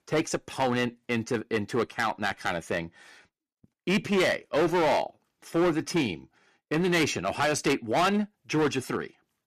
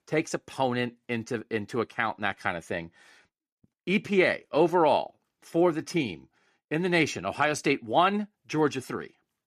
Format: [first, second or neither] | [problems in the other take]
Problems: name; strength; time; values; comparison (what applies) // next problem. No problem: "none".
second | distortion; heavy; 9% of the sound clipped